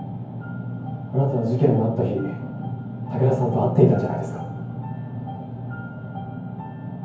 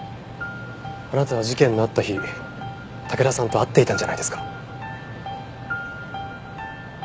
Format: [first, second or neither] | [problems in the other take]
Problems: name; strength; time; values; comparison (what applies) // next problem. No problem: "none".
second | room echo; dies away in 0.9 s